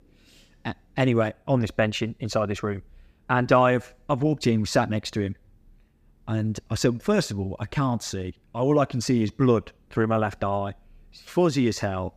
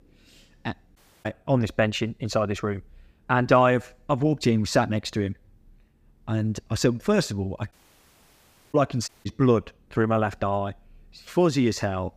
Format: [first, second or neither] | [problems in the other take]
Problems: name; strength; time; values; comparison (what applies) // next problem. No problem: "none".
first | audio cutting out; at 1 s, at 7.5 s for 1 s and at 9 s